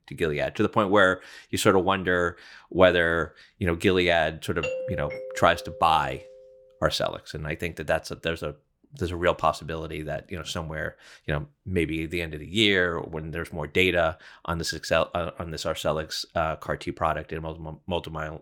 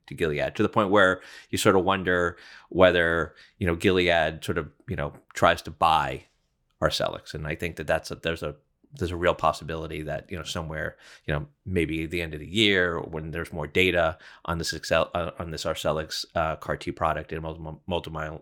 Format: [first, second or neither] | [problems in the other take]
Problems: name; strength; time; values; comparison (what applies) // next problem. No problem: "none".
second | doorbell; noticeable; from 4.5 to 6 s; peak 5 dB below the speech